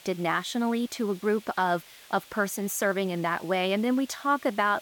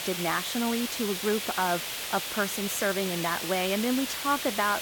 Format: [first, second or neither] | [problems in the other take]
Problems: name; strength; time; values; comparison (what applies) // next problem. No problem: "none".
first | hiss; loud; throughout; 2 dB below the speech; faint in the first